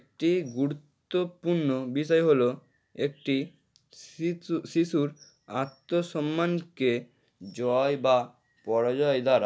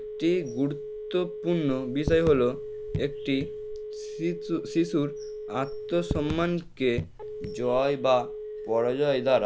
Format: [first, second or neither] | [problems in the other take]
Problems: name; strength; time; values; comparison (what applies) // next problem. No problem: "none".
first | background sound (Telephone + Raindrop / Drip); 8 dB below the speech